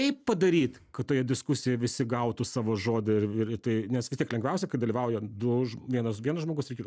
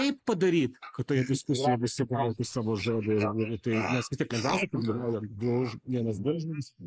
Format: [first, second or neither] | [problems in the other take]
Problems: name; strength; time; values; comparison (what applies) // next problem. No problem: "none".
first | noise reduction (neural mask model Resemble Enhance denoiser)